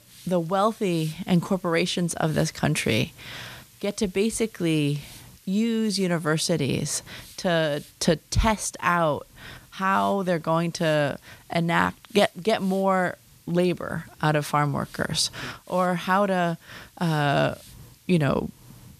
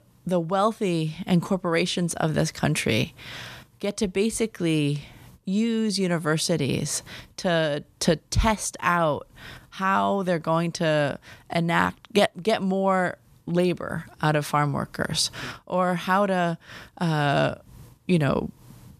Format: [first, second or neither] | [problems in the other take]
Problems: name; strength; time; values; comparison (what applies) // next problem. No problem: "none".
second | hiss; faint; throughout; 25 dB below the speech